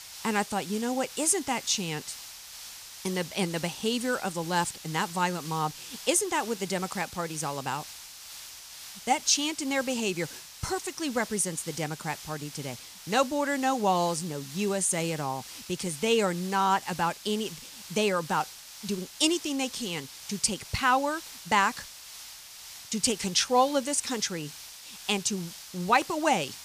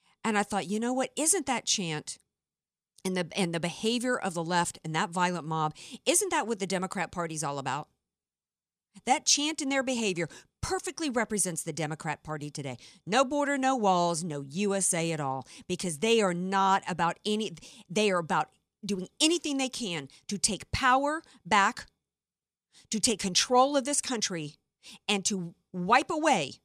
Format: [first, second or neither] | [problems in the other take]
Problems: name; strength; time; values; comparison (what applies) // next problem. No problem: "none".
second | hiss; noticeable; throughout; 15 dB below the speech